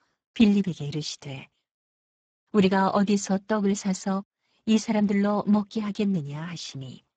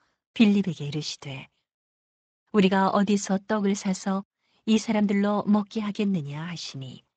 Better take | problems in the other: second | garbled, watery; badly; nothing above 7.5 kHz; slightly in the second

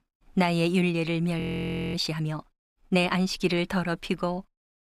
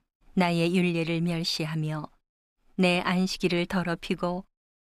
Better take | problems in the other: second | audio freezing; at 1.5 s for 0.5 s

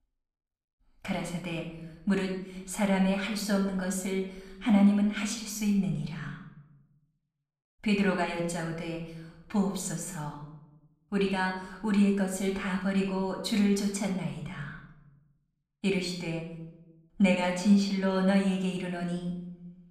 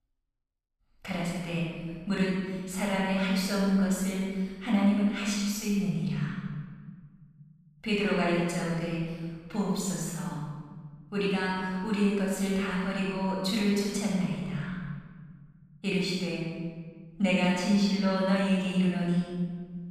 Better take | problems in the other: first | room echo; strong; dies away in 1.9 s; slight in the first // off-mic speech; far; somewhat distant in the first

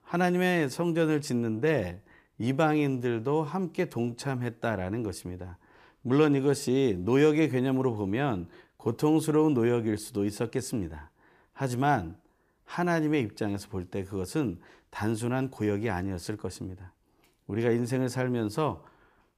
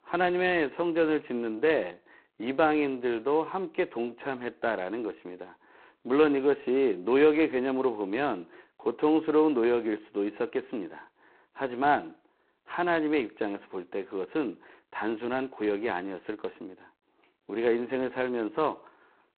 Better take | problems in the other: first | phone-call audio; poor line; nothing above 4 kHz

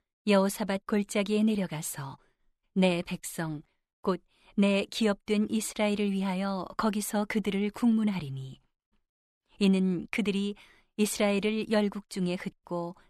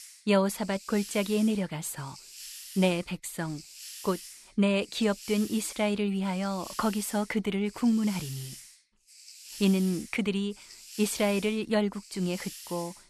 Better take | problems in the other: first | hiss; noticeable; throughout; 15 dB below the speech

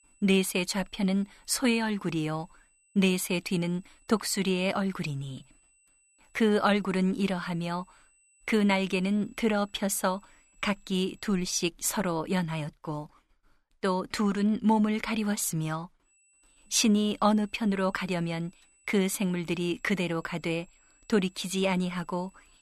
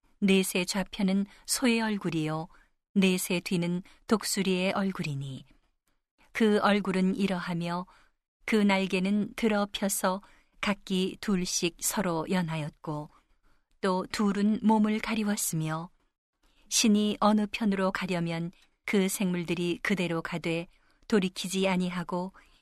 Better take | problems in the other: second | high-pitched whine; faint; until 12 s and from 16 s on; 8 kHz, 35 dB below the speech

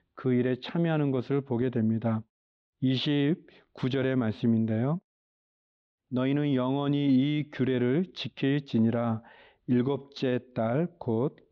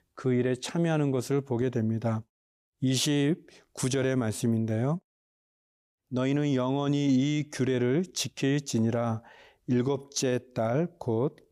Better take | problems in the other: second | muffled; slightly; fading above 4 kHz

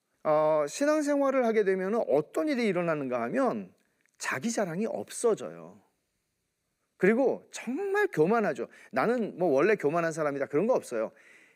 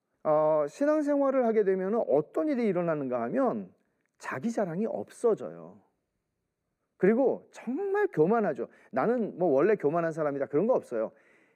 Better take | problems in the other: first | muffled; slightly; fading above 2 kHz

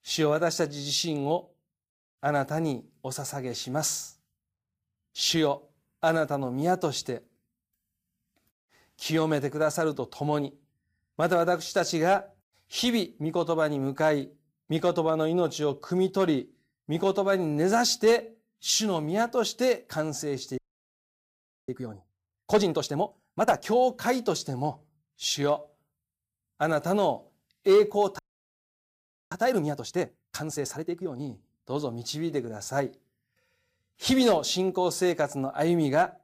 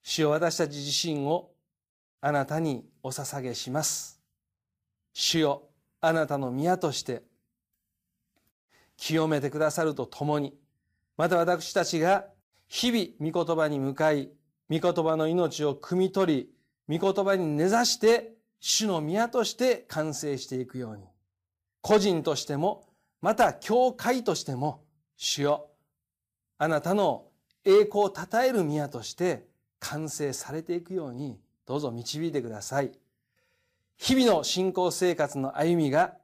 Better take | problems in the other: second | audio freezing; at 21 s for 1 s and at 28 s for 1 s

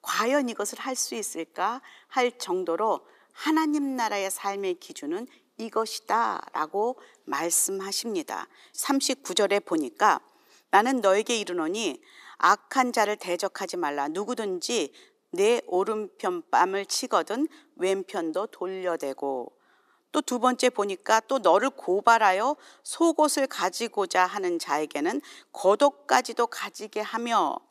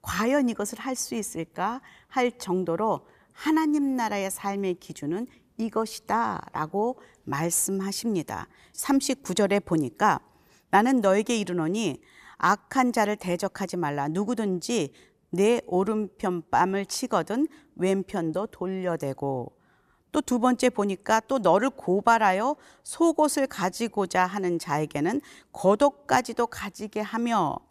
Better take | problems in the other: second | thin; very slightly; fading below 300 Hz

